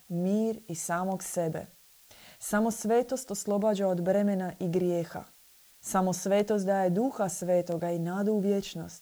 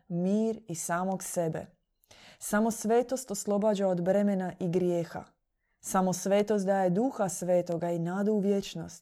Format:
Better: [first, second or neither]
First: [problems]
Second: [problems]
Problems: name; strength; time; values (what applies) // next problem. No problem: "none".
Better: second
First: hiss; faint; throughout; 25 dB below the speech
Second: none